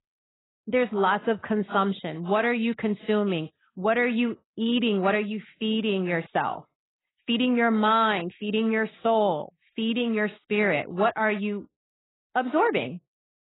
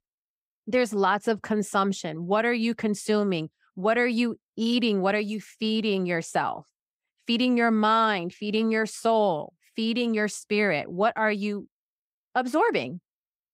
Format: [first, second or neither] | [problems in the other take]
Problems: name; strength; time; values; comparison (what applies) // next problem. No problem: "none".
second | garbled, watery; badly; nothing above 4 kHz